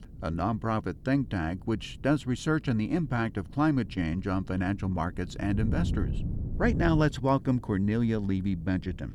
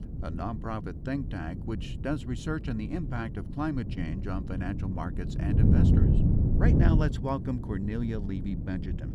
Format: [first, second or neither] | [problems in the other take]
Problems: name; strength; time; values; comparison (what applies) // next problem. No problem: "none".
first | wind noise on the microphone; heavy; 3 dB below the speech; occasional gusts in the first